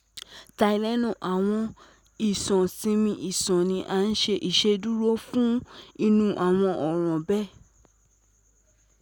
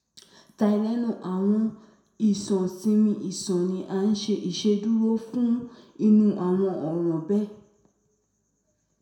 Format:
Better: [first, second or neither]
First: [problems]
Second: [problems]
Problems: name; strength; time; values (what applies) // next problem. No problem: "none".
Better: first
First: none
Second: room echo; dies away in 0.5 s